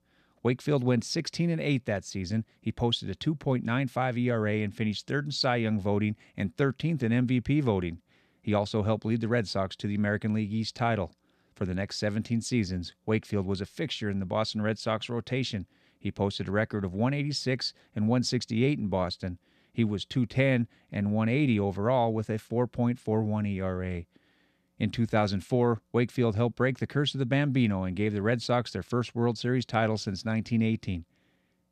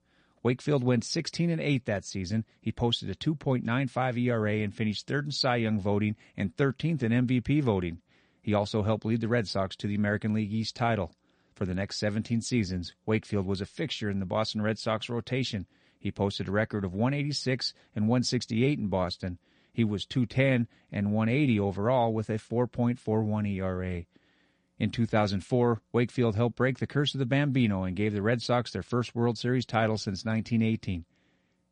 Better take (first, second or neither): first